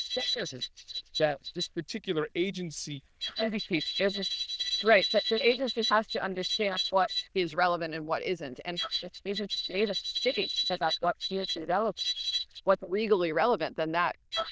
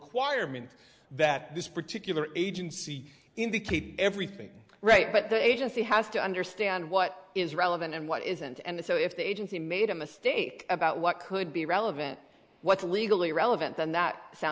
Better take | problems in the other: second | noise reduction (neural diffusion model UNIVERSE++)

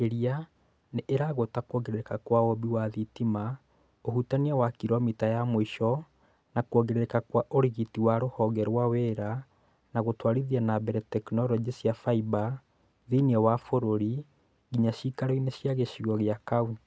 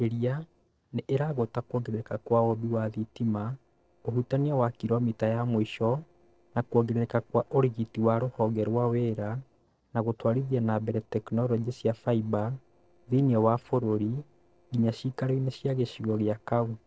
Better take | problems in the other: first | noise reduction (neural separator model SepFormer DNS4)

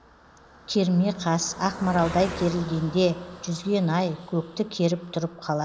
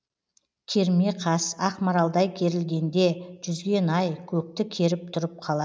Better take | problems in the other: second | background sound (Car passing by); 15 dB below the speech

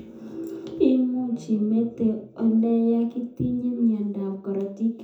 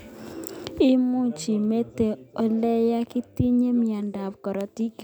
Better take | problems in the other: second | room echo; dies away in 0.5 s

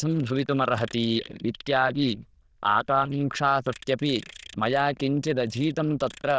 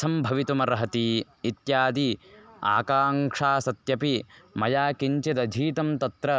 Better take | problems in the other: second | noise reduction (neural diffusion model UNIVERSE++)

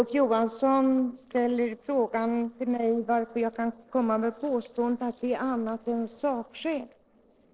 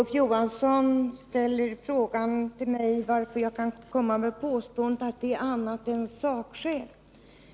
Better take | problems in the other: second | noise reduction (neural separator model SepFormer DNS4)

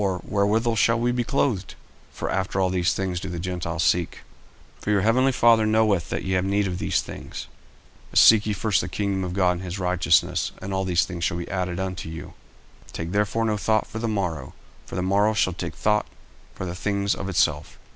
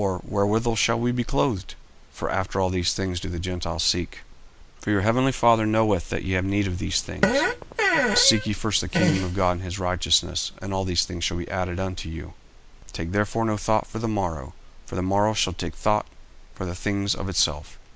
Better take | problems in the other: first | background sound (Fart); 1 dB below the speech

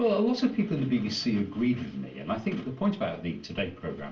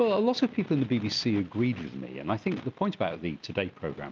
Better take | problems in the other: second | room echo; dies away in 0.3 s

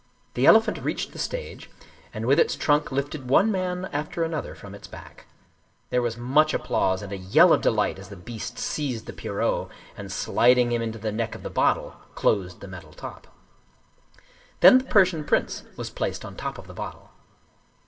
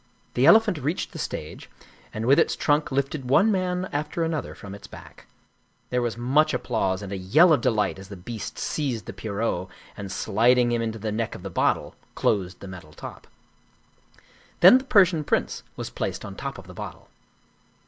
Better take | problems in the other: second | room echo; dies away in 1.8 s

